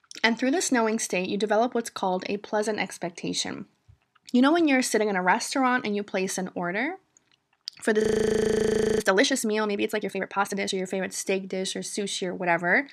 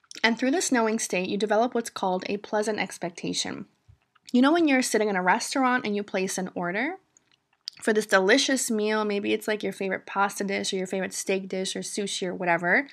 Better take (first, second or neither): second